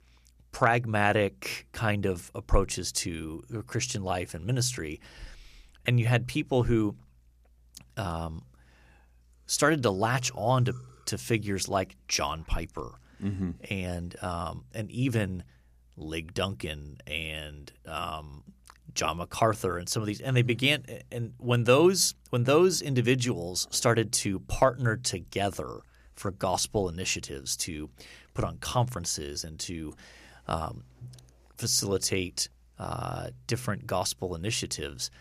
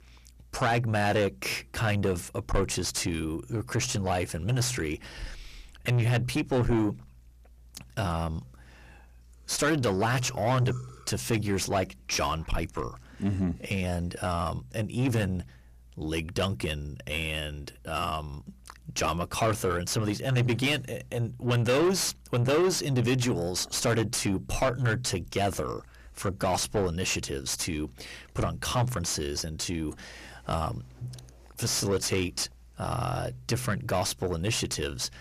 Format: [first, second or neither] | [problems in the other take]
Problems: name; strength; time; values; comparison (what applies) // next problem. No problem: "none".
first | distortion; heavy; 6 dB below the speech